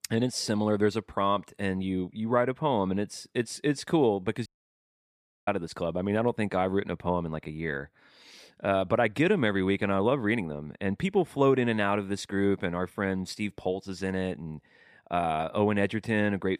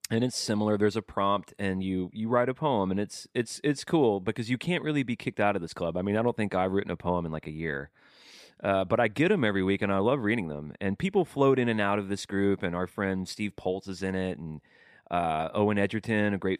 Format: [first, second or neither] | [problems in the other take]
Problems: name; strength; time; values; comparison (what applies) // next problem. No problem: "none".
second | audio cutting out; at 4.5 s for 1 s